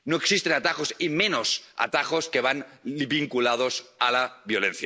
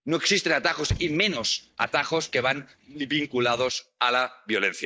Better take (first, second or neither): first